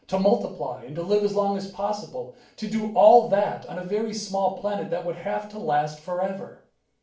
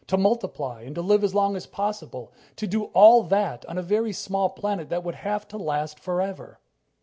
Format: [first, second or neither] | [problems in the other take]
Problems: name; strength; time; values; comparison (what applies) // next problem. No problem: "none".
second | room echo; dies away in 0.4 s